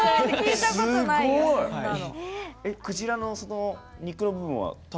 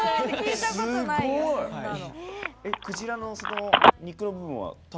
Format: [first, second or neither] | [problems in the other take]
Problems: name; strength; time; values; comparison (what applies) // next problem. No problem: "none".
first | background sound (Telephone); as loud as the speech